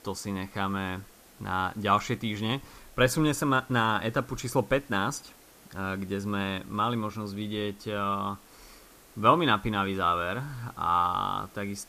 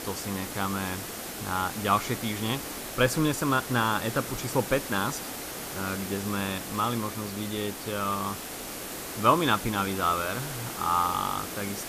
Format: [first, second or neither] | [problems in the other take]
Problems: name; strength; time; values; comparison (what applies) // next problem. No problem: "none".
first | hiss; loud; throughout; 7 dB below the speech; faint in the first